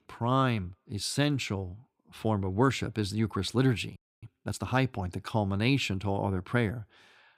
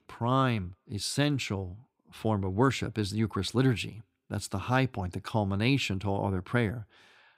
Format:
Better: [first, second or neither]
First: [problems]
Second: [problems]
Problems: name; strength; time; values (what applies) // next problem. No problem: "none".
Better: second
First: audio freezing; at 4 s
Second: none